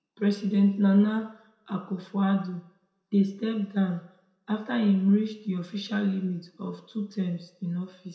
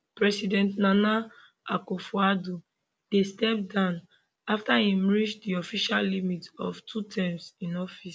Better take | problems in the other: second | room echo; dies away in 0.5 s

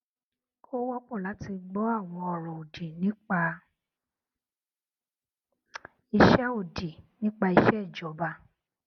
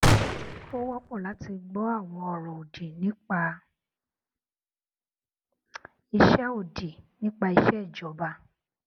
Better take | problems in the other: first | background sound (Gunshot, gunfire); 4 dB above the speech

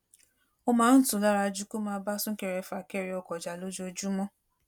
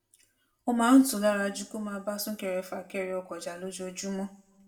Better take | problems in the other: first | room echo; dies away in 0.6 s

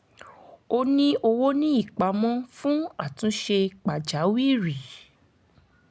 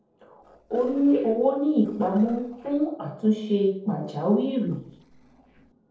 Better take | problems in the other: first | noise reduction (neural separator model SepFormer DNS4)

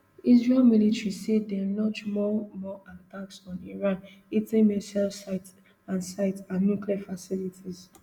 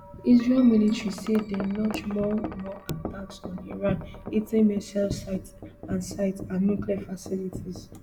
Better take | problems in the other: first | background sound (Wind chime); 12 dB below the speech

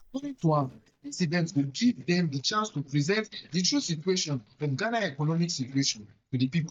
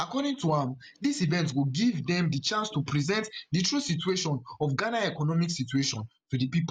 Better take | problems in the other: second | noise reduction (neural mask model DeepFilterNet 3)

